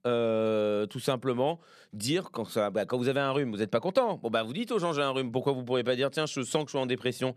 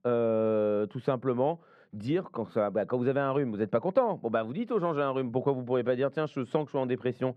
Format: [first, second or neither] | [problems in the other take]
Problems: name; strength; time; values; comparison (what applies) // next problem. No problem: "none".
first | muffled; very; fading above 3.5 kHz